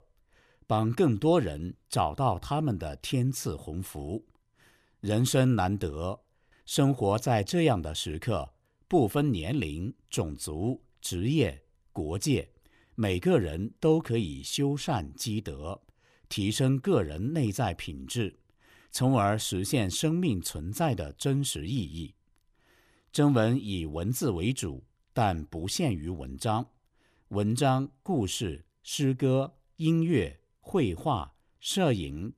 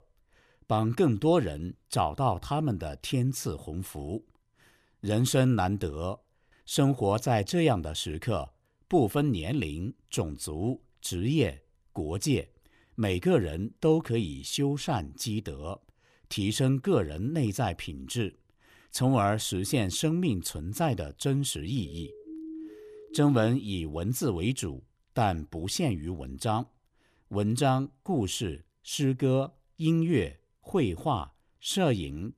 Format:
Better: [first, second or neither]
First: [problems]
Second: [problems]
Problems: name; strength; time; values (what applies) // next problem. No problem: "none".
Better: first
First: none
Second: siren; faint; from 22 to 23 s; peak 10 dB below the speech